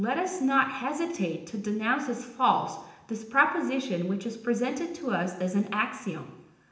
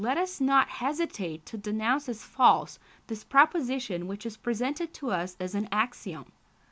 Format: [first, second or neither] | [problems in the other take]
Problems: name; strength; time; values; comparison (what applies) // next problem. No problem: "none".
second | room echo; dies away in 0.8 s